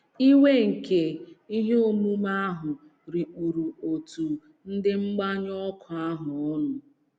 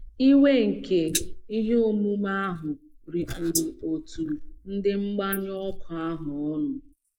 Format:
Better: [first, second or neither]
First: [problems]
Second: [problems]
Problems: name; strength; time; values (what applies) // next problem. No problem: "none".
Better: first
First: none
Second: noise reduction (neural mask model Resemble Enhance denoiser)